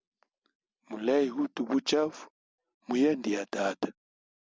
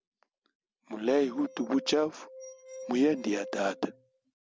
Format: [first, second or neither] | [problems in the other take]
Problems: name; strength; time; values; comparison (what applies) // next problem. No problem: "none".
first | background sound (Glass); 16 dB below the speech